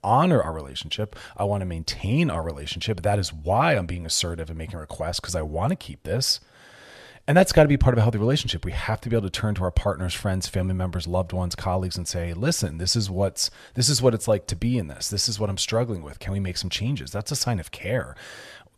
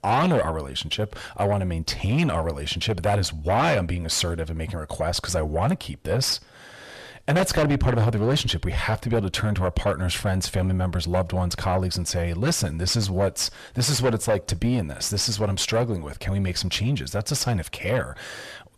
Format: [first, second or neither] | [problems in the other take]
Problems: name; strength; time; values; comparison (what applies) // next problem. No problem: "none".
first | distortion; heavy; 7 dB below the speech